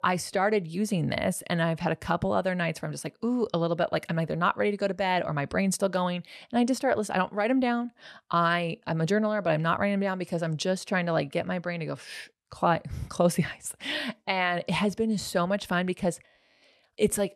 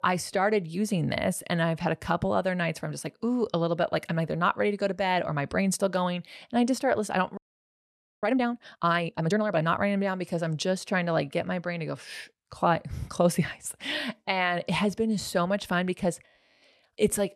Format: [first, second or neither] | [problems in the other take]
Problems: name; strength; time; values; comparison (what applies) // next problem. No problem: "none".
first | audio freezing; at 7.5 s for 1 s